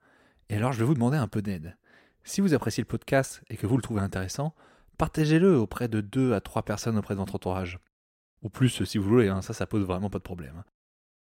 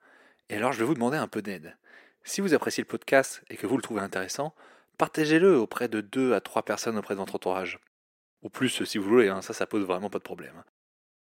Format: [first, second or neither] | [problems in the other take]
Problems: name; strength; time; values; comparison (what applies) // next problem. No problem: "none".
first | thin; somewhat; fading below 350 Hz